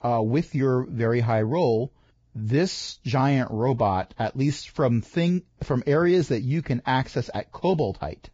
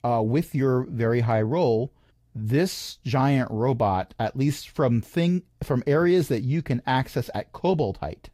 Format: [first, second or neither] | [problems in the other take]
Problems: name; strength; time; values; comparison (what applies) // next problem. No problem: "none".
second | garbled, watery; badly; nothing above 7.5 kHz; slightly in the second